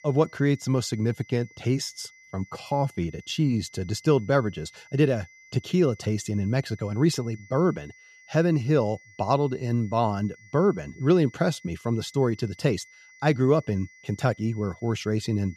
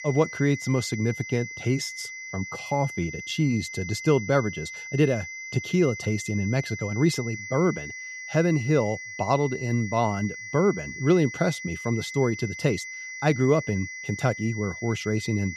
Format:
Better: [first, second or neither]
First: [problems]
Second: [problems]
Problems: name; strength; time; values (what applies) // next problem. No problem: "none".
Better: first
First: high-pitched whine; faint; throughout; 2 kHz, 25 dB below the speech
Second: high-pitched whine; loud; throughout; 2 kHz, 9 dB below the speech